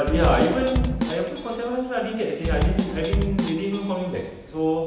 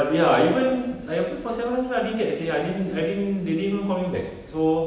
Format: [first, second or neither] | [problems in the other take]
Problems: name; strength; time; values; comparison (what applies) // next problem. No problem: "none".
second | background sound (Bass drum / Snare drum); 2 dB below the speech